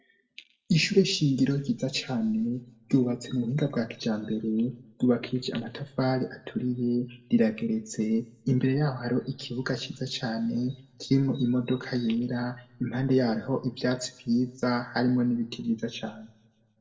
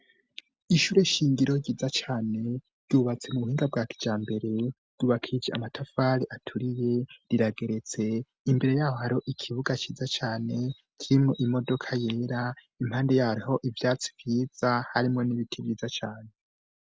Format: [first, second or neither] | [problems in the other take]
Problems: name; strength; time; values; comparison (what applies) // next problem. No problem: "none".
second | room echo; dies away in 0.6 s